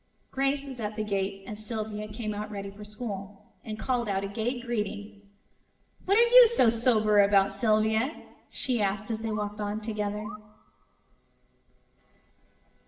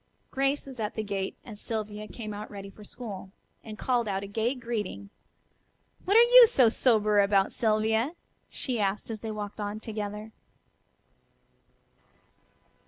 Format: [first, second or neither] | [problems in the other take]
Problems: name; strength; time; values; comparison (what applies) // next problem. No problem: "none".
second | background sound (Bird); 19 dB below the speech // room echo; dies away in 0.8 s